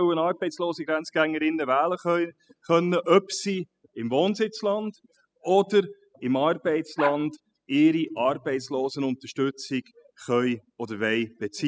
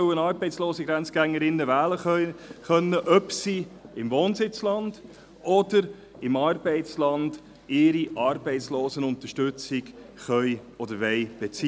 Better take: second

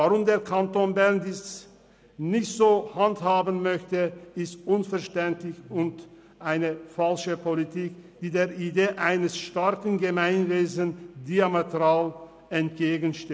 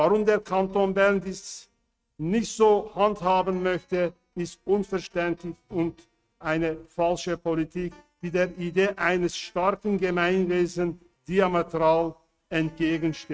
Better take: first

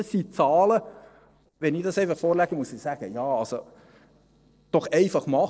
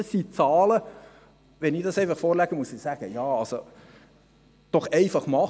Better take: second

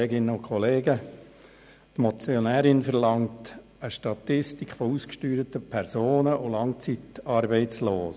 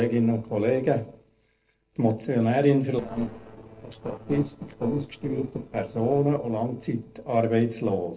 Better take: first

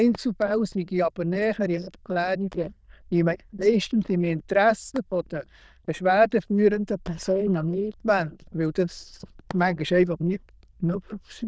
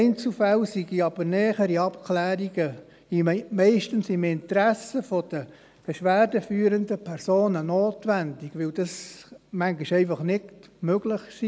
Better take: second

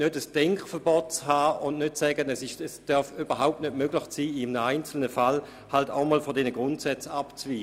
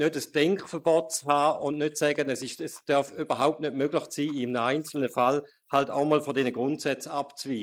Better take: first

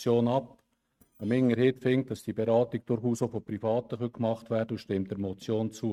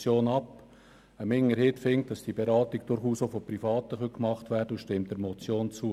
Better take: second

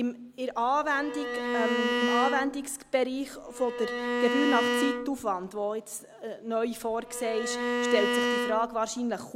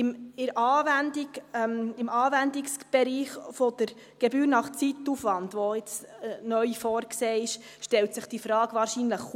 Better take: second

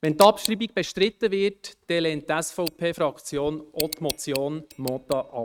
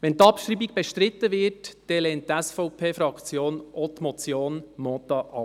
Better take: second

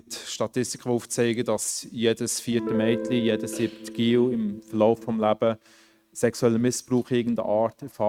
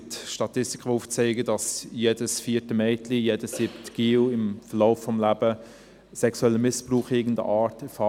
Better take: second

